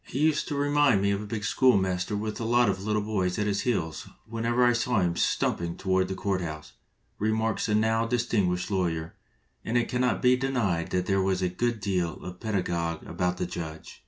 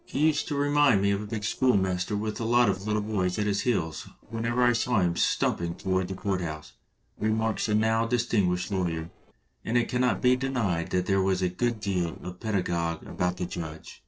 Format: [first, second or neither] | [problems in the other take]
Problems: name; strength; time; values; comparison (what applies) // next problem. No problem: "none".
first | noise reduction (neural separator model SepFormer DNS4)